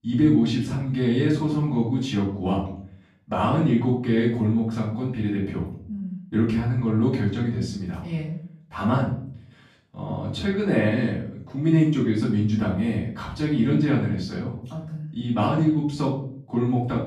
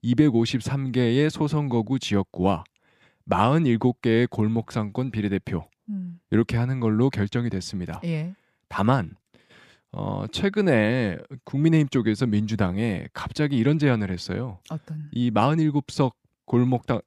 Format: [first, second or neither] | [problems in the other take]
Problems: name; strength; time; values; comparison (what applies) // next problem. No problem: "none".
second | room echo; noticeable; dies away in 0.5 s // off-mic speech; far